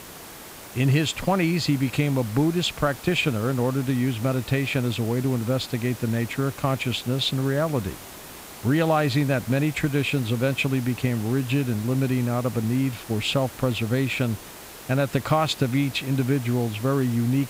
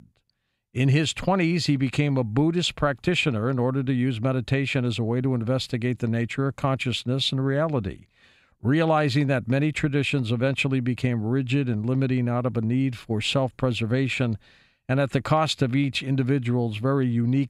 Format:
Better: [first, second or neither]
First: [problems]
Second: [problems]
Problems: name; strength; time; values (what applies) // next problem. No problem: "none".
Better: second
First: hiss; noticeable; throughout; 15 dB below the speech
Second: none